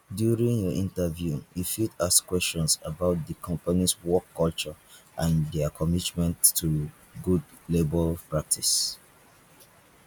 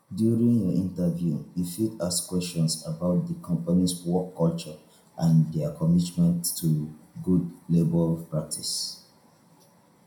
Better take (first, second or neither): first